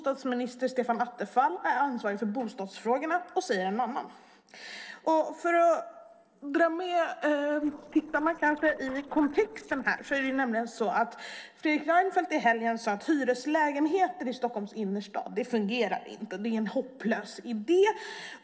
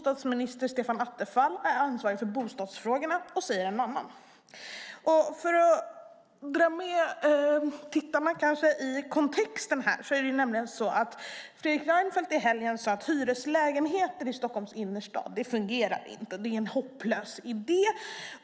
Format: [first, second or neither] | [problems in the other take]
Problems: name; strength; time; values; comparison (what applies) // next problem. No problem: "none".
second | noise reduction (neural separator model SepFormer DNS4)